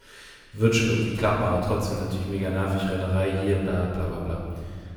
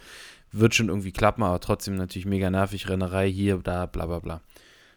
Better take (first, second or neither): second